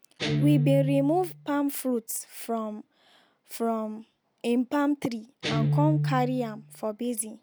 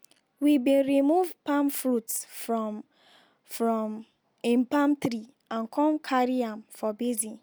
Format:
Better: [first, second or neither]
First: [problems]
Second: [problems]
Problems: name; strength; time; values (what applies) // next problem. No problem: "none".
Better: second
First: background sound (Guitar); 3 dB below the speech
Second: none